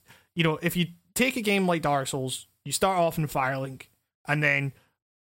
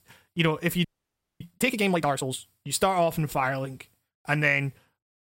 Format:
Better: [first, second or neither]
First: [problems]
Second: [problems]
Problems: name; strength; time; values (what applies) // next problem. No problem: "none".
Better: first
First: none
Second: audio freezing; at 1 s for 0.5 s